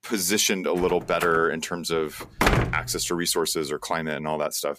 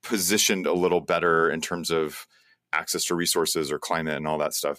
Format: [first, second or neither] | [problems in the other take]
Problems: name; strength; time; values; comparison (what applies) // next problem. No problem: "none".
second | door banging; loud; from 1 to 3 s; peak 3 dB above the speech